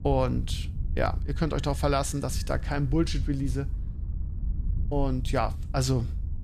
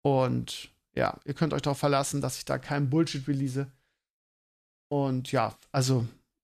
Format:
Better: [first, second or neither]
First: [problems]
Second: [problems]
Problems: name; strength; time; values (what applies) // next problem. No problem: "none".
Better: second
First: low rumble; noticeable; throughout; 20 dB below the speech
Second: none